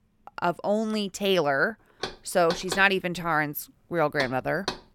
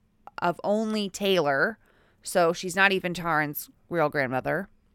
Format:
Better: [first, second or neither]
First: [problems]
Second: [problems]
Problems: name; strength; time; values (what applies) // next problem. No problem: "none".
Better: second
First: door banging; noticeable; from 2 s on; peak 7 dB below the speech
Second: none